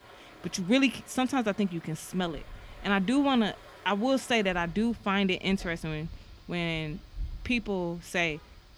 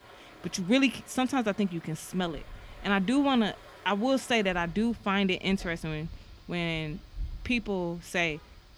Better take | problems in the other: neither | rain or running water; faint; throughout; 20 dB below the speech; the same in both

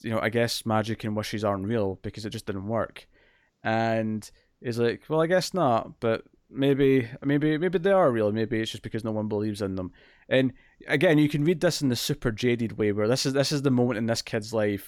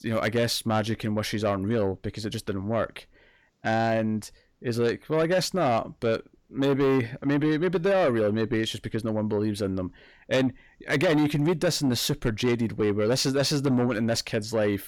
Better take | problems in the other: first | distortion; slight; 10 dB below the speech

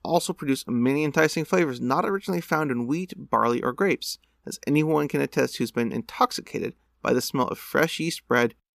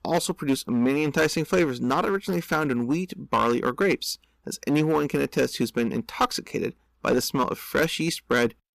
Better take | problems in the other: first | distortion; slight; 6% of the sound clipped

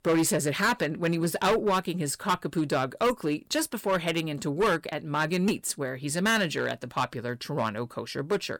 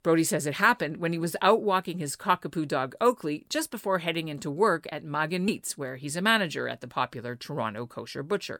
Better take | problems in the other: second | distortion; heavy; 7% of the sound clipped

